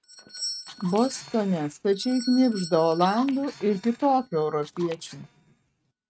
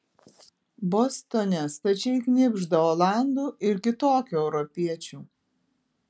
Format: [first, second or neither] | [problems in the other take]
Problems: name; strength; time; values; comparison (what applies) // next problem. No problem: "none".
second | noise reduction (neural mask model RNNoise)